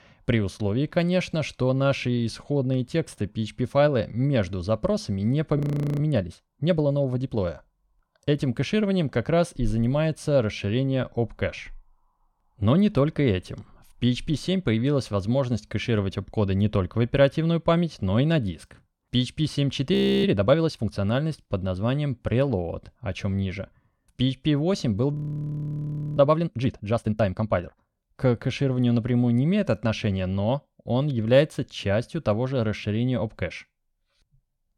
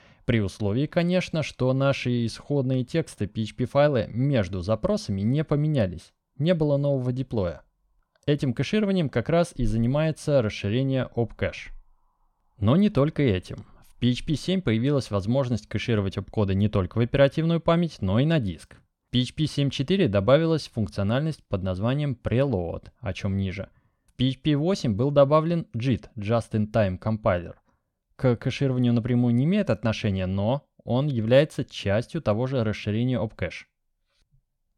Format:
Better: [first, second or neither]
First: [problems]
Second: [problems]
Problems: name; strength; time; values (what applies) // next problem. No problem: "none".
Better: second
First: audio freezing; at 5.5 s, at 20 s and at 25 s for 1 s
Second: none